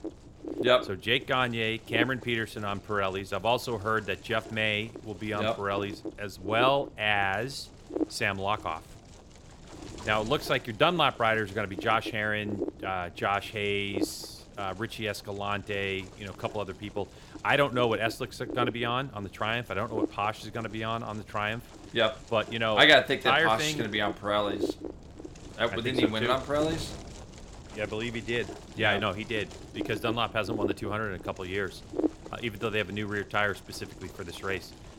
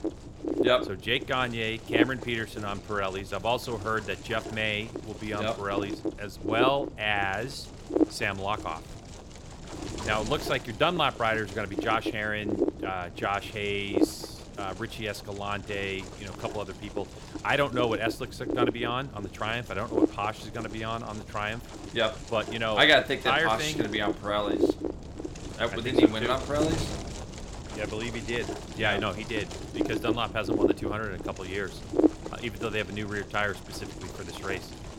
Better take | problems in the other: first | wind noise on the microphone; heavy; 7 dB below the speech; occasional gusts in the first

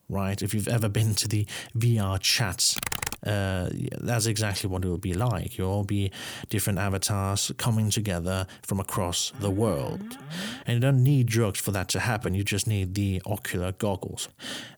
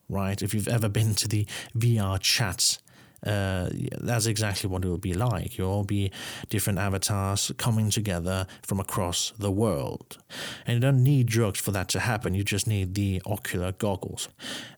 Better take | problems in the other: second | keyboard typing; noticeable; at 3 s; peak 2 dB below the speech // alarm; faint; from 9.5 to 11 s; peak 10 dB below the speech

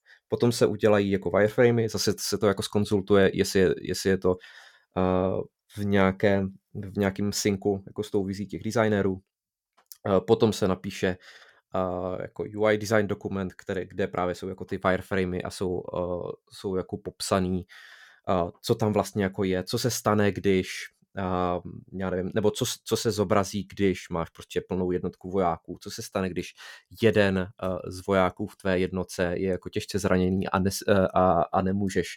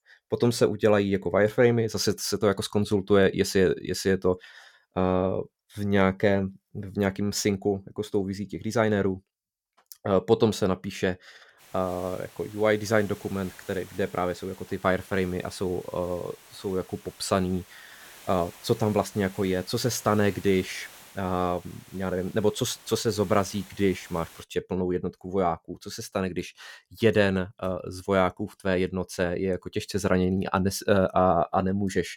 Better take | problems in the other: first | hiss; faint; from 12 to 24 s; 20 dB below the speech

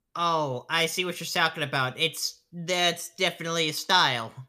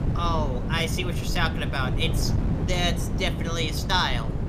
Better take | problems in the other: first | wind noise on the microphone; heavy; 9 dB below the speech

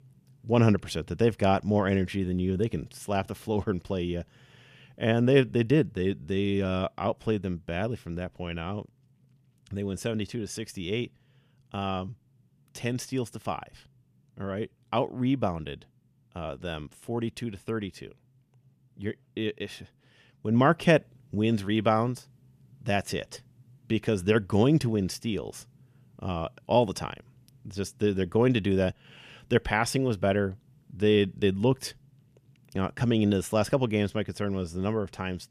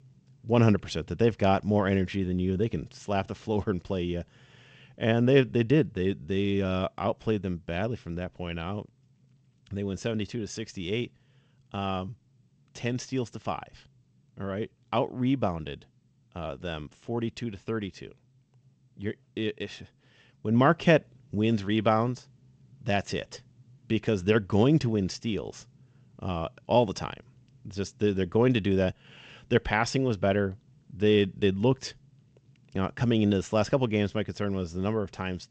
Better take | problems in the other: first | garbled, watery; slightly; nothing above 7.5 kHz

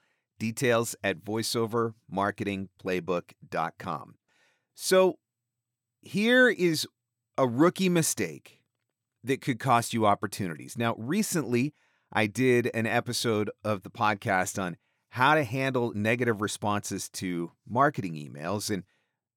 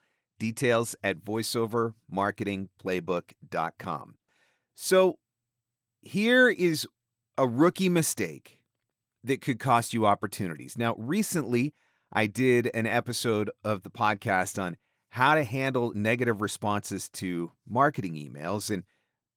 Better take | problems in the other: first | garbled, watery; slightly; nothing above 19 kHz

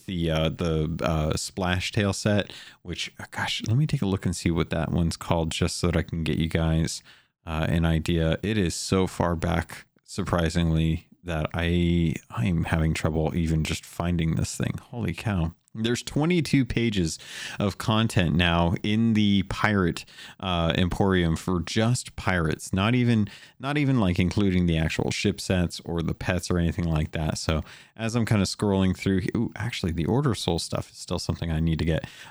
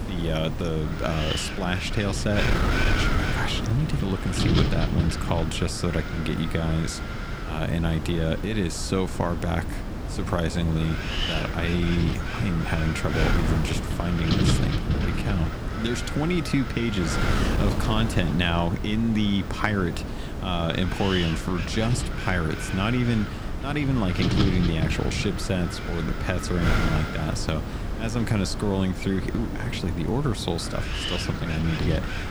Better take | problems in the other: first | wind noise on the microphone; heavy; 2 dB below the speech

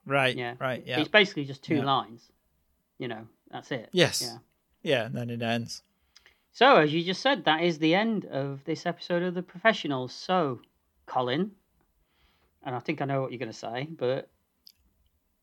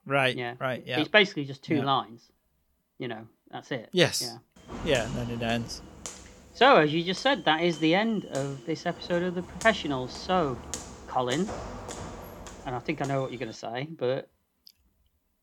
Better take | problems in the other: first | footsteps; noticeable; from 4.5 to 13 s; peak 10 dB below the speech

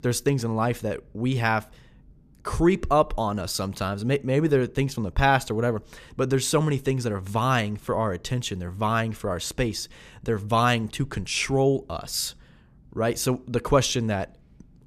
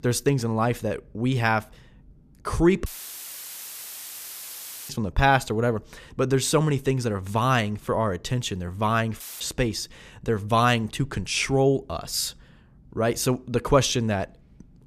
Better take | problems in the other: first | audio cutting out; filled with static; at 3 s for 2 s and at 9 s

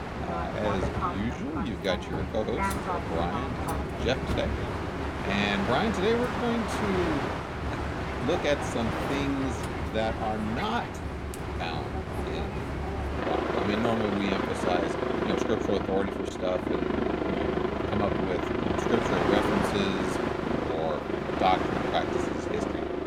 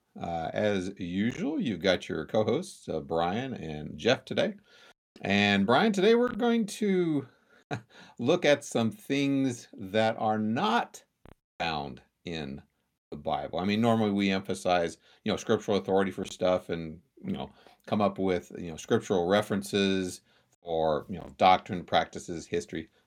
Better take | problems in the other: second | train or aircraft noise; very loud; throughout; 1 dB above the speech

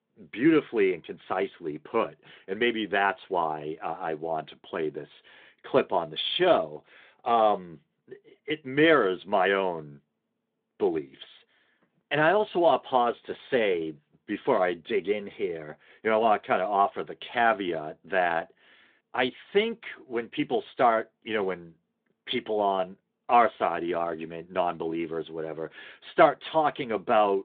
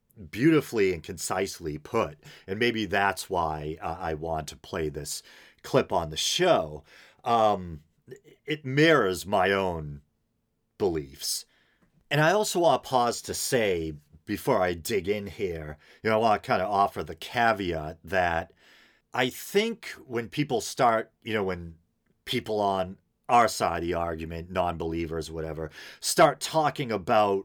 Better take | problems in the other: second | phone-call audio

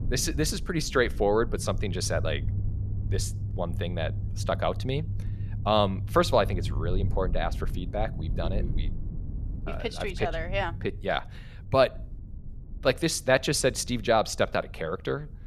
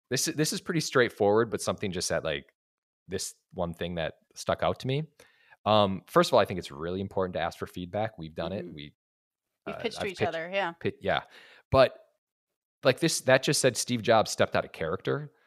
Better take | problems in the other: second | low rumble; faint; throughout; 20 dB below the speech

